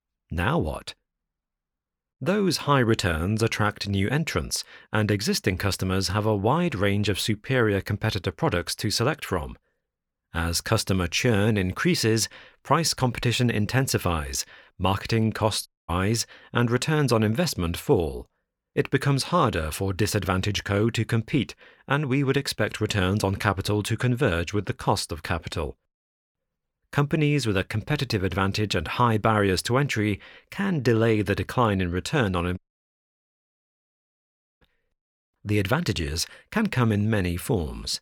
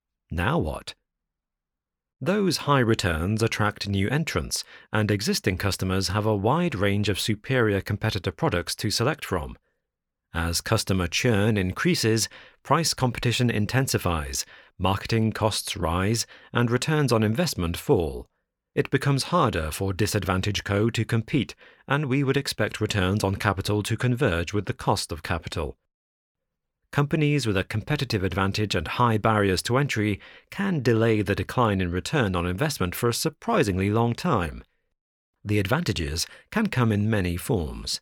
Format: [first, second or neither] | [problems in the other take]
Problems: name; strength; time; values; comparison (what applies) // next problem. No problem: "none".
second | audio cutting out; at 16 s and at 33 s for 2 s